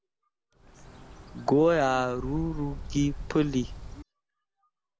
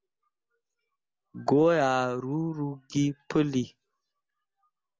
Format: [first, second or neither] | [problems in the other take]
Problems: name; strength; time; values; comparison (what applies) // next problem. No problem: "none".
second | background sound (Bird); 11 dB below the speech